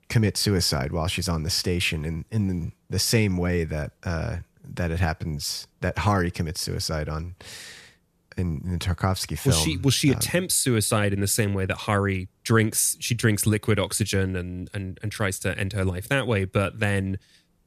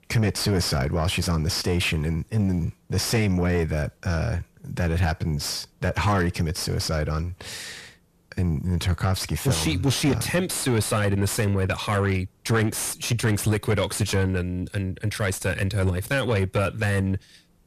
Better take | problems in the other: first | distortion; heavy; 7 dB below the speech

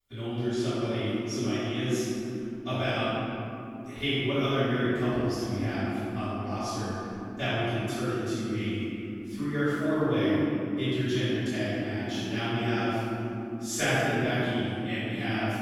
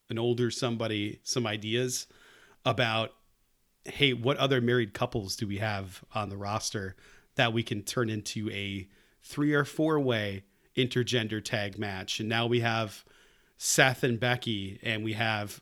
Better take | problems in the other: second | room echo; strong; dies away in 3 s // off-mic speech; far

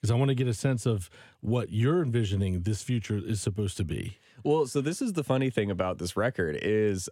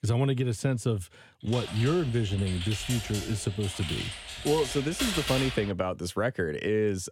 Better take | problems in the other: first | keyboard typing; loud; from 1.5 to 5.5 s; peak level with the speech

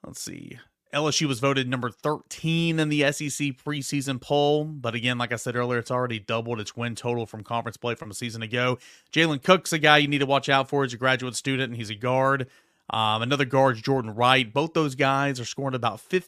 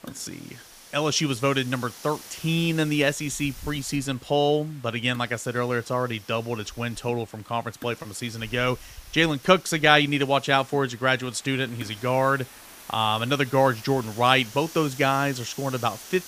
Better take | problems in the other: first | hiss; noticeable; throughout; 20 dB below the speech

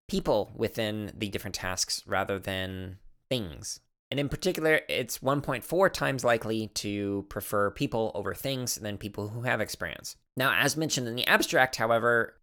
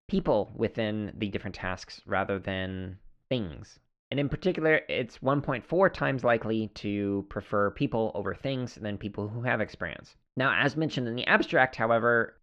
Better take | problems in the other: first | muffled; slightly; fading above 3 kHz

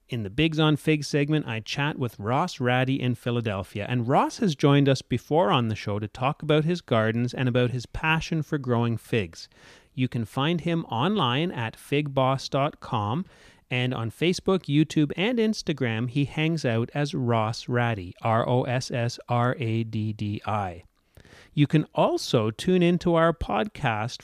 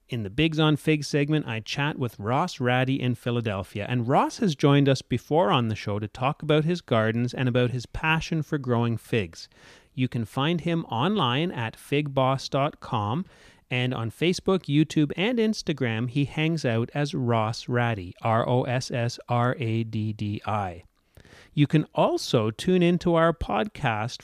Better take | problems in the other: neither | none

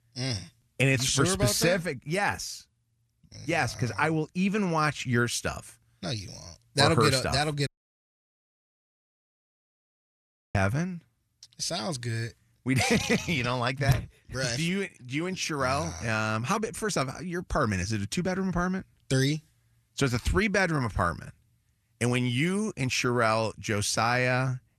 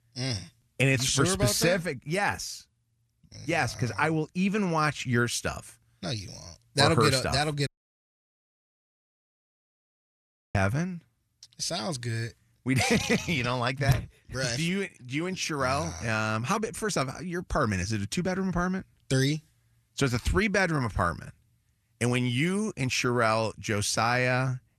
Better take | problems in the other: neither | audio cutting out; at 7.5 s for 3 s; the same in both

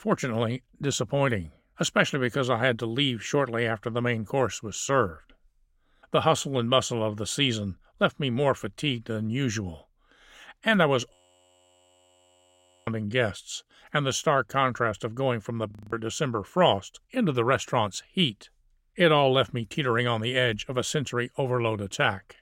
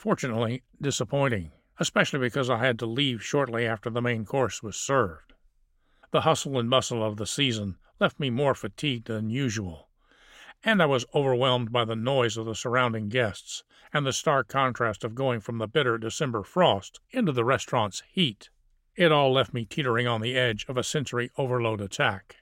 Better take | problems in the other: second | audio freezing; at 11 s for 1.5 s and at 16 s

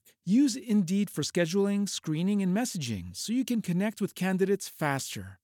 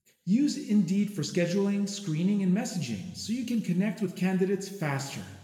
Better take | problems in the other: first | room echo; noticeable; dies away in 1 s // off-mic speech; somewhat distant

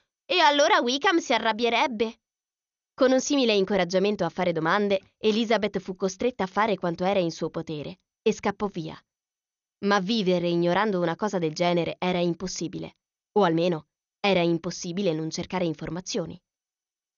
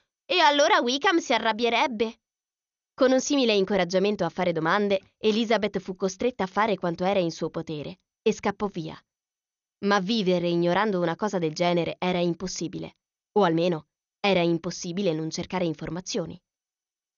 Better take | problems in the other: neither | garbled, watery; slightly; nothing above 6.5 kHz; the same in both

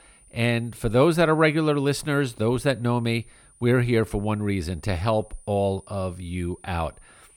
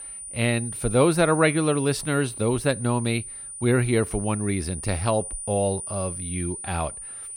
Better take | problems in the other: first | high-pitched whine; loud; throughout; 9.5 kHz, 8 dB below the speech; faint in the first

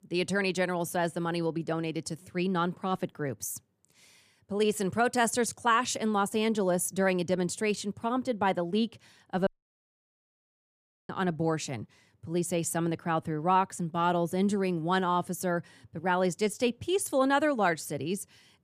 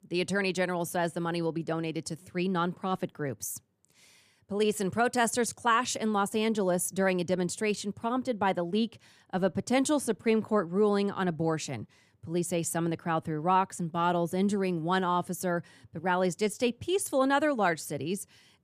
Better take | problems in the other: second | audio cutting out; at 9.5 s for 1.5 s

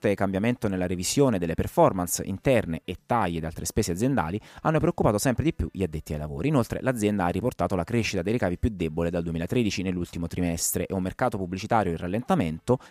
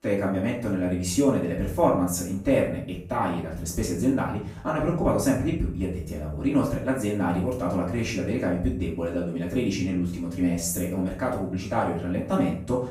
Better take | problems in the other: first | off-mic speech; far // room echo; noticeable; dies away in 0.5 s

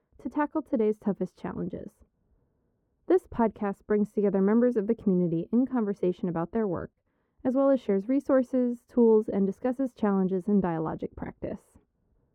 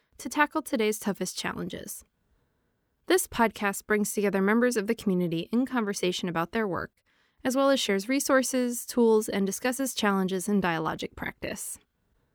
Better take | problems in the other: second | muffled; very; fading above 2 kHz

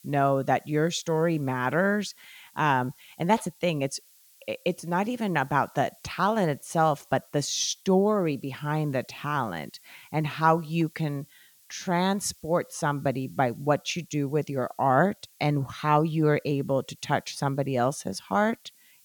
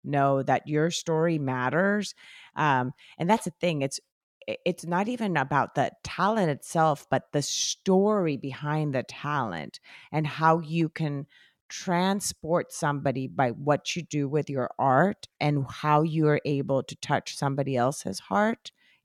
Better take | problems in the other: second | hiss; faint; throughout; 25 dB below the speech

